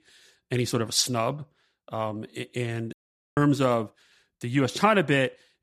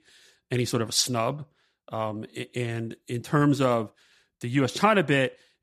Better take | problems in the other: second | audio cutting out; at 3 s

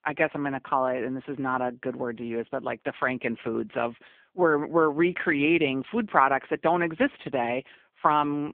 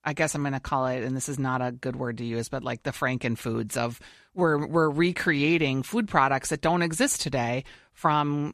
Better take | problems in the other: second | phone-call audio; poor line

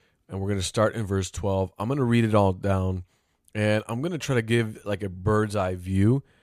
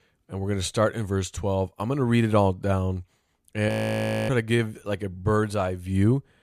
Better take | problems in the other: first | audio freezing; at 3.5 s for 0.5 s

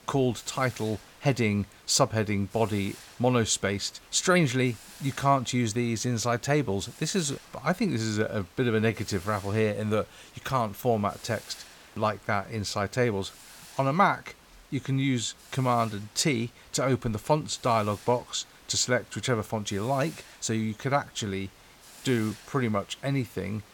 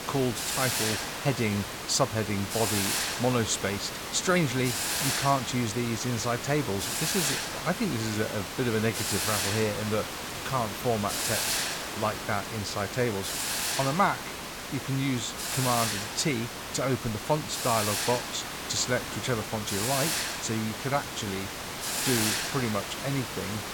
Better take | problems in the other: first | hiss; loud; throughout; 1 dB below the speech; faint in the first

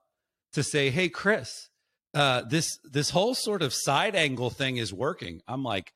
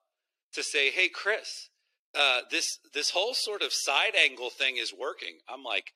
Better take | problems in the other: first | thin; very; fading below 350 Hz

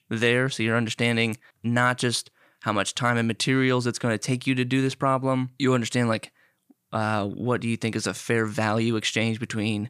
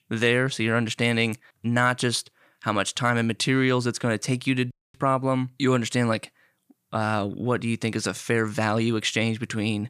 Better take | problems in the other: first | audio cutting out; at 4.5 s

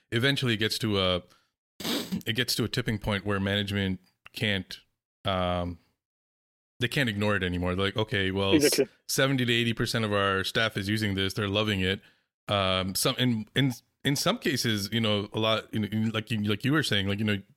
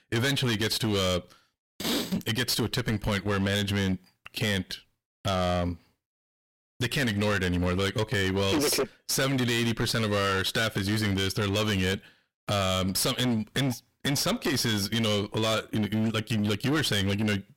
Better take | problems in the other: first | distortion; heavy; 21% of the sound clipped

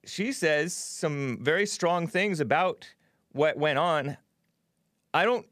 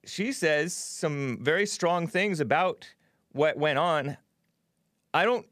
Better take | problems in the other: neither | none

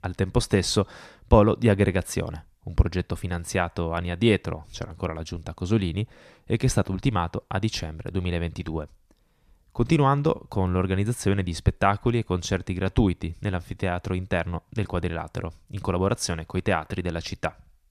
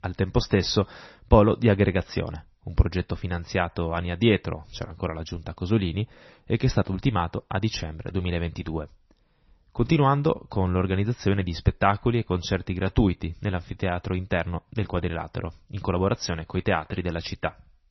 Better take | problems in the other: first | garbled, watery; slightly; nothing above 6 kHz

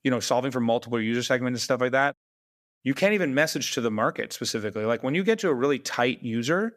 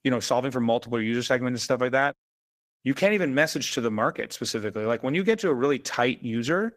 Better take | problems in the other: first | garbled, watery; slightly; nothing above 14.5 kHz

